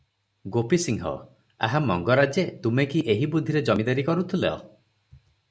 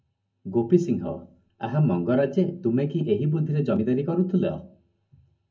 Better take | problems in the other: first | room echo; dies away in 0.3 s

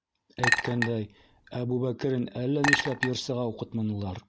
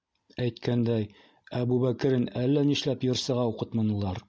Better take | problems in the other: second | background sound (Chink, clink); as loud as the speech

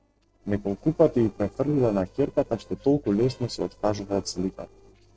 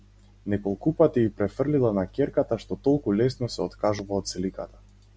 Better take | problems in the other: second | noise reduction (neural separator model SepFormer DNS4)

